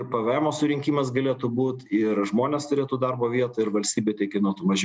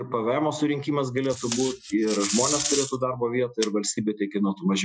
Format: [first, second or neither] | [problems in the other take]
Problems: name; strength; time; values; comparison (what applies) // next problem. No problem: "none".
first | noise reduction (classical method Wiener filter)